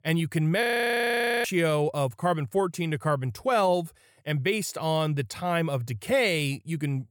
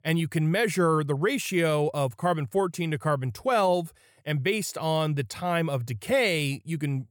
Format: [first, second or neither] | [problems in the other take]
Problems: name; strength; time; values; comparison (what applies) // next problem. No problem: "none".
second | audio freezing; at 0.5 s for 1 s